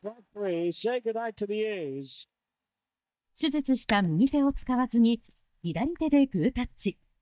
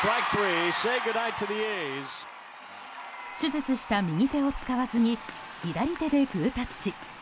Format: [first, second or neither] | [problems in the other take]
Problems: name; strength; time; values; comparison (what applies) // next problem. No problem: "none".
second | noise reduction (neural mask model DeepFilterNet 3)